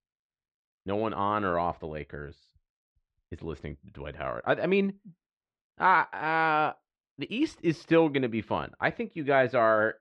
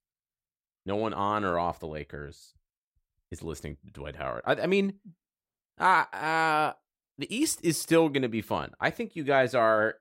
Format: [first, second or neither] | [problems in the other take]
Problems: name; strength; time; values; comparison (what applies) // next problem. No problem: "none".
second | muffled; slightly; fading above 3.5 kHz